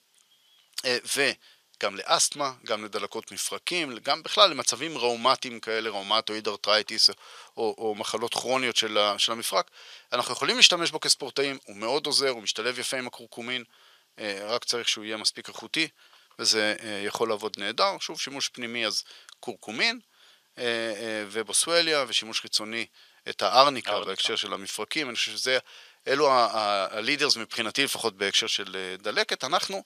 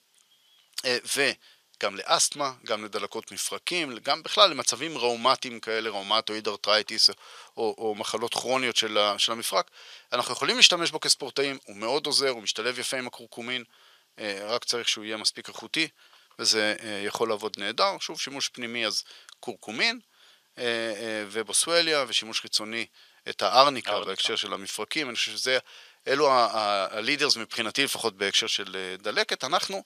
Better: neither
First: thin; very; fading below 600 Hz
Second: thin; very; fading below 600 Hz

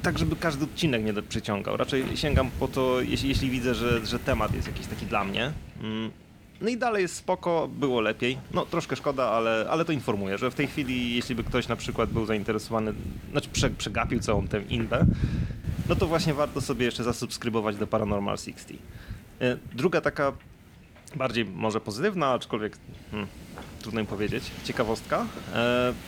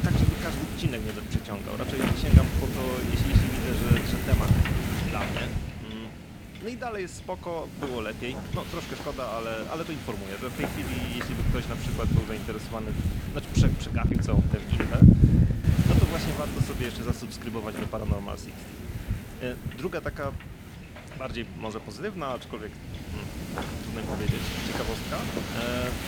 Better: first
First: wind noise on the microphone; occasional gusts; 15 dB below the speech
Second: wind noise on the microphone; heavy; 1 dB above the speech

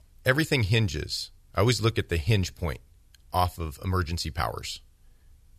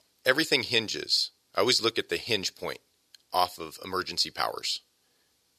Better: first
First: none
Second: thin; somewhat; fading below 350 Hz

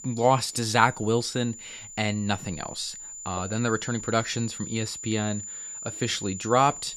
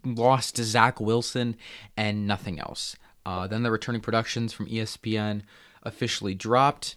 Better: second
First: high-pitched whine; noticeable; throughout; 7 kHz, 10 dB below the speech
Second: none

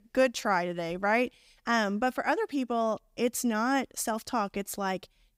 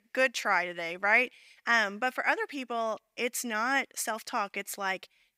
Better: first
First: none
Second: thin; somewhat; fading below 600 Hz

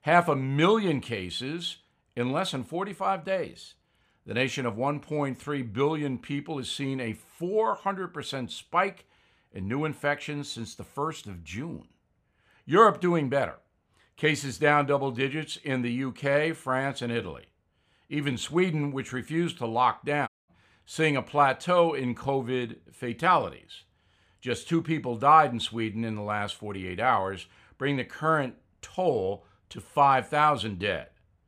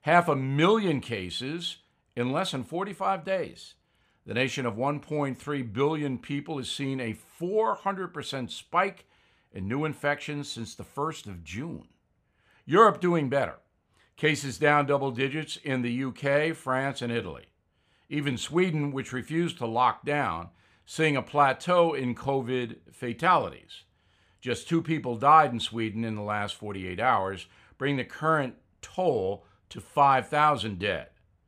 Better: second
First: audio cutting out; at 20 s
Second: none

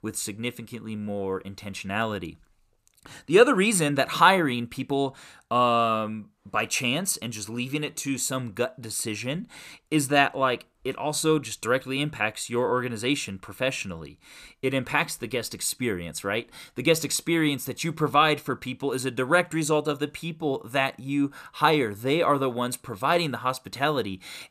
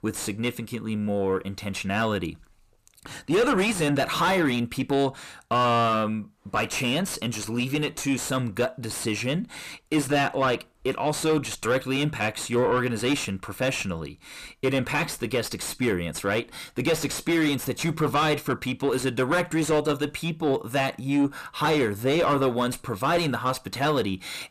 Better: first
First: none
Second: distortion; heavy; 5 dB below the speech

